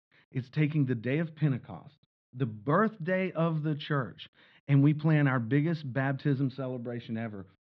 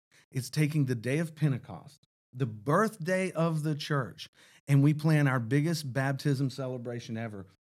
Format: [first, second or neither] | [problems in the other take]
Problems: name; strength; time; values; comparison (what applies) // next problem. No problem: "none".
second | muffled; very; fading above 3.5 kHz